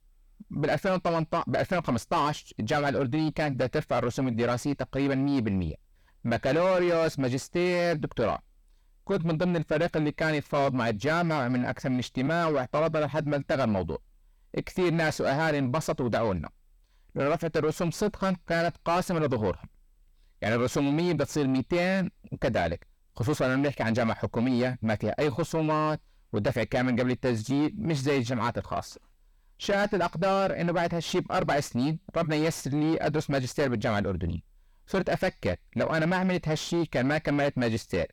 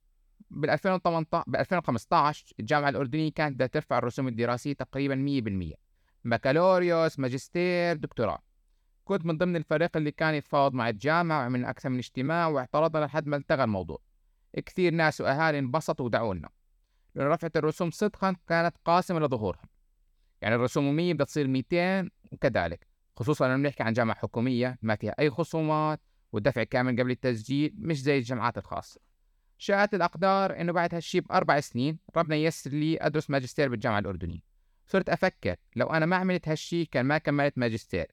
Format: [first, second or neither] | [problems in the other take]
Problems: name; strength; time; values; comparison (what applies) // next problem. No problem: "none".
second | distortion; heavy; 5 dB below the speech